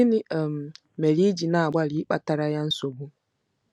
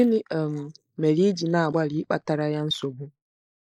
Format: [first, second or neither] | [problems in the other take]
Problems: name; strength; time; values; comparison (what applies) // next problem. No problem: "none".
first | noise reduction (neural mask model Resemble Enhance denoiser)